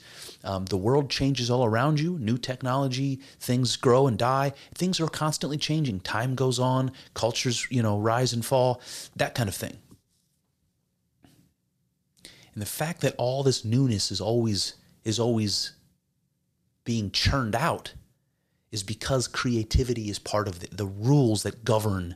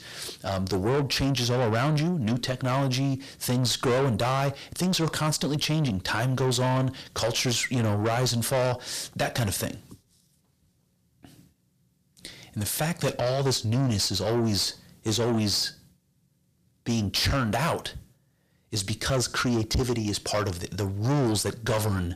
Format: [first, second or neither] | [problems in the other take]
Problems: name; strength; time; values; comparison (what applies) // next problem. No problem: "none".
first | distortion; heavy; 7 dB below the speech